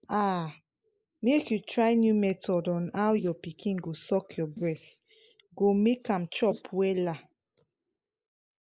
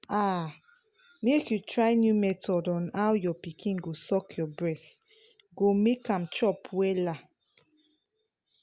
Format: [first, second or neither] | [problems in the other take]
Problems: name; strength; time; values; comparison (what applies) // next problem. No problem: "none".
second | noise reduction (neural mask model Resemble Enhance denoiser)